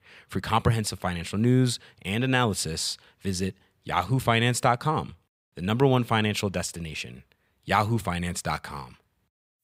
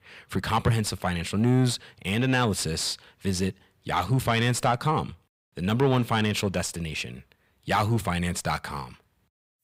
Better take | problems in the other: first | distortion; slight; 10 dB below the speech

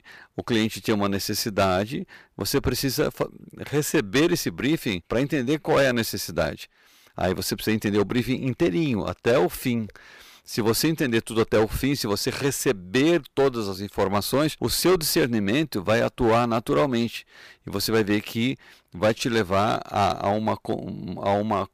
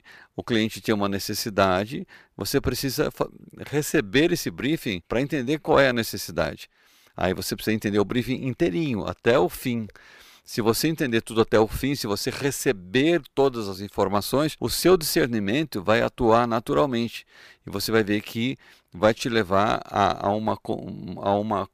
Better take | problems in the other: second | distortion; slight; 5% of the sound clipped

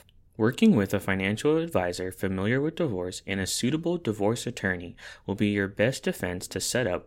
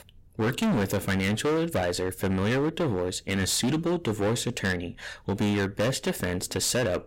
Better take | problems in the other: first | distortion; heavy; 19% of the sound clipped

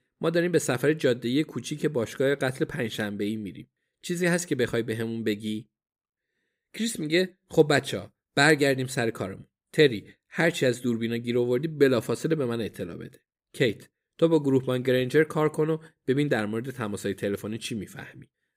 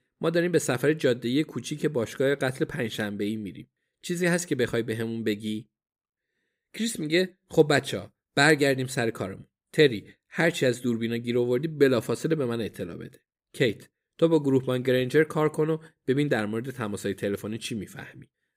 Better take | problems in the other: neither | none

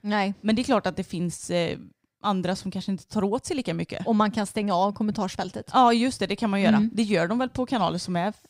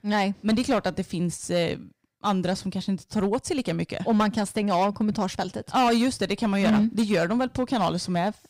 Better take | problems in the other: first | distortion; slight; 6% of the sound clipped

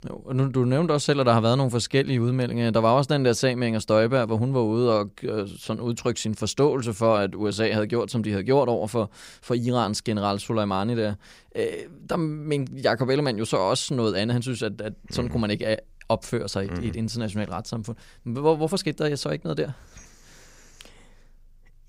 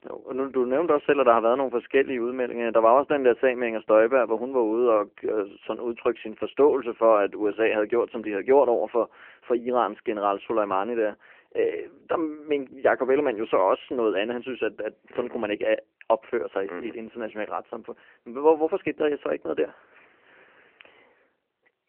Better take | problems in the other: first | phone-call audio; nothing above 3 kHz

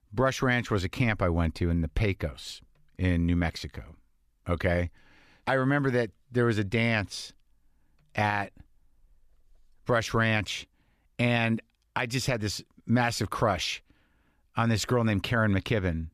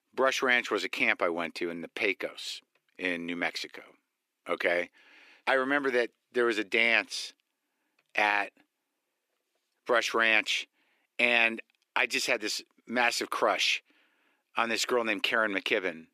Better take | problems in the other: first | thin; somewhat; fading below 350 Hz

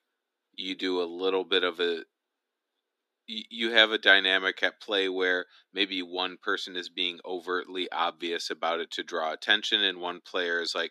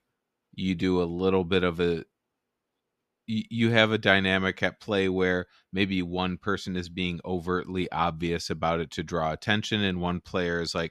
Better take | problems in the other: second | thin; somewhat; fading below 250 Hz

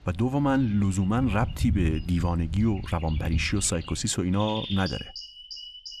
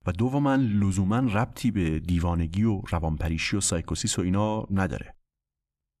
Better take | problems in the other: second | animal sounds; loud; throughout; 8 dB below the speech

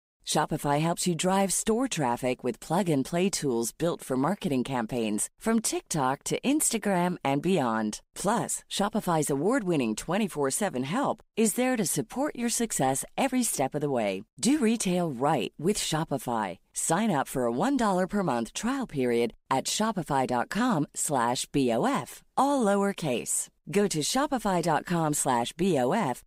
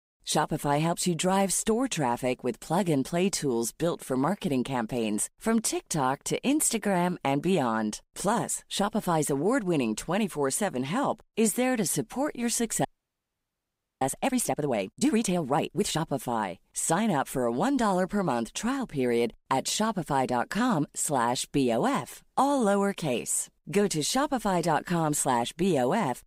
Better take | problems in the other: first | audio freezing; at 13 s for 1 s

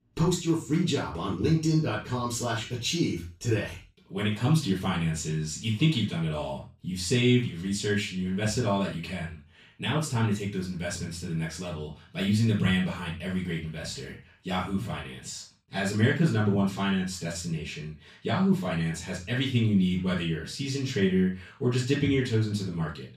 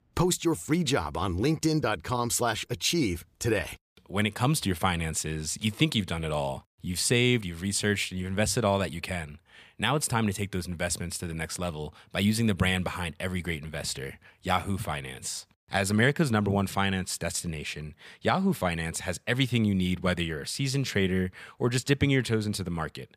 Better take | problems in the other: second | room echo; noticeable; dies away in 0.3 s // off-mic speech; far

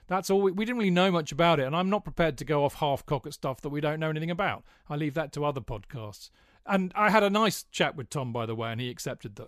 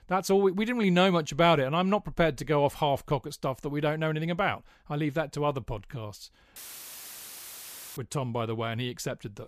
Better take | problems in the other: first | audio cutting out; filled with static; at 6.5 s for 1.5 s

